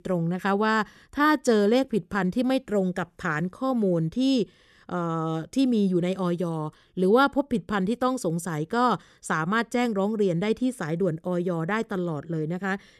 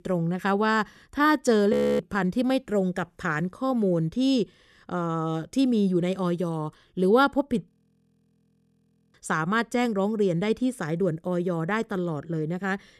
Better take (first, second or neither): first